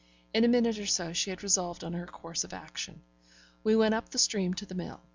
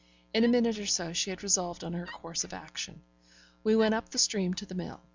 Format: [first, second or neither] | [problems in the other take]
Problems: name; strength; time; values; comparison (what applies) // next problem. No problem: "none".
first | background sound (Wood); 19 dB below the speech